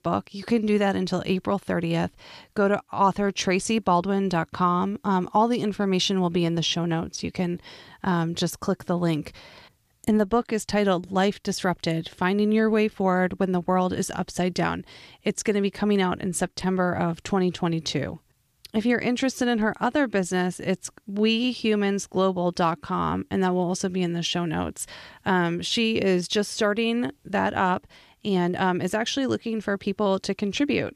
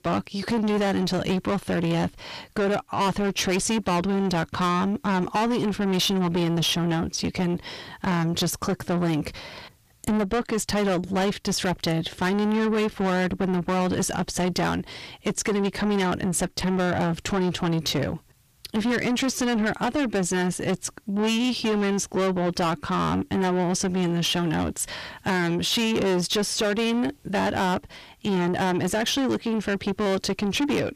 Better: first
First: none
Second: distortion; heavy; 6 dB below the speech

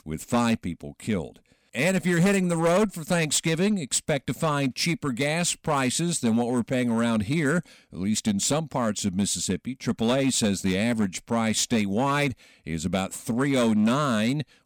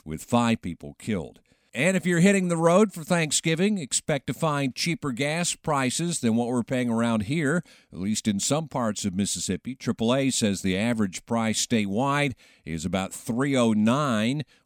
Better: second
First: distortion; slight; 6% of the sound clipped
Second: none

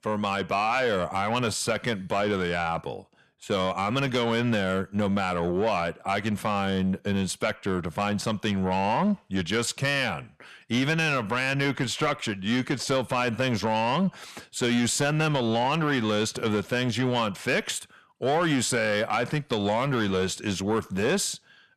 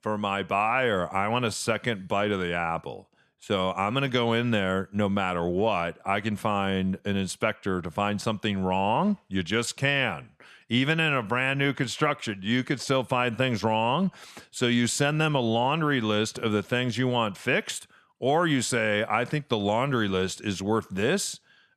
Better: second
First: distortion; slight; 10 dB below the speech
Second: none

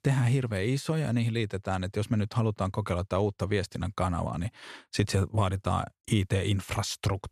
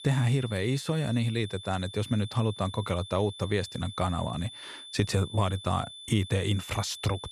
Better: first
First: none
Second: high-pitched whine; noticeable; throughout; 3.5 kHz, 15 dB below the speech

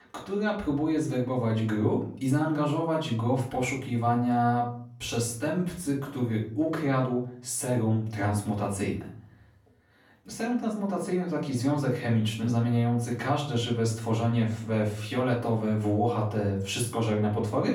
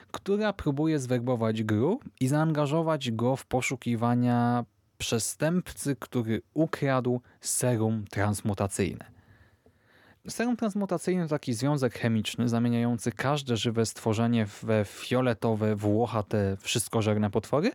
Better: second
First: off-mic speech; far // room echo; slight; dies away in 0.4 s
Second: none

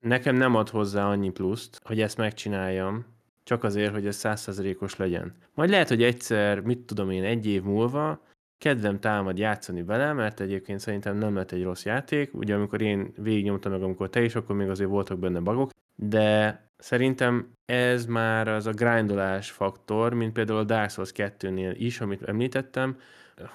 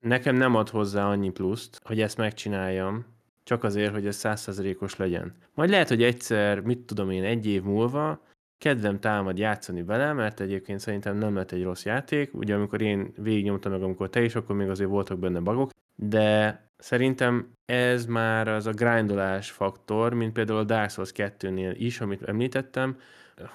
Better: neither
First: none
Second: none

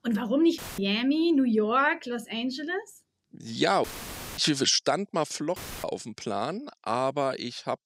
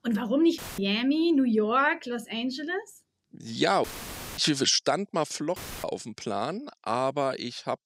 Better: neither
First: audio cutting out; filled with static; at 0.5 s, at 4 s for 0.5 s and at 5.5 s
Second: audio cutting out; filled with static; at 0.5 s, at 4 s for 0.5 s and at 5.5 s

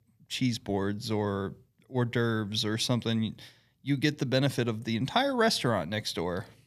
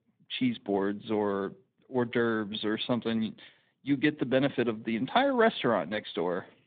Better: first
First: none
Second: phone-call audio; nothing above 3.5 kHz

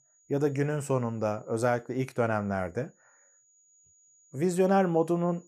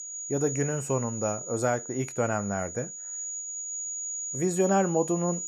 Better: first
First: high-pitched whine; faint; throughout; 7 kHz, 35 dB below the speech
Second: high-pitched whine; loud; throughout; 7 kHz, 6 dB below the speech

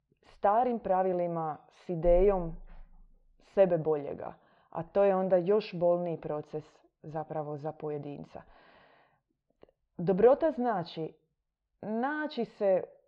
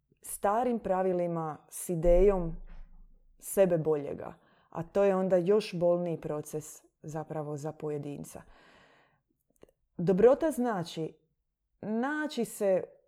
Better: second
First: muffled; slightly; fading above 4.5 kHz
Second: none

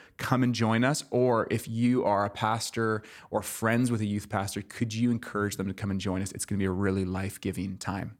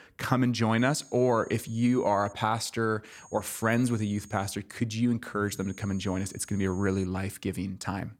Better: first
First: none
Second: high-pitched whine; faint; from 1 to 2.5 s, from 3 to 4.5 s and from 5.5 to 7 s; 6.5 kHz, 25 dB below the speech

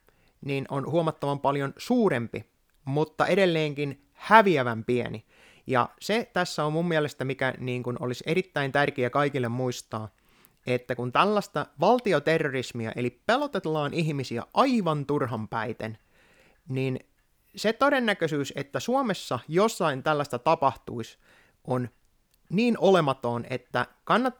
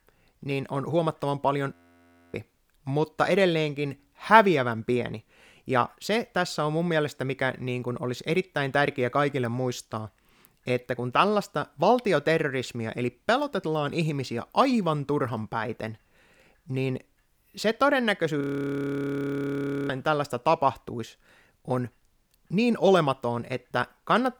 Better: first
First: none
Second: audio freezing; at 1.5 s for 0.5 s and at 18 s for 1.5 s

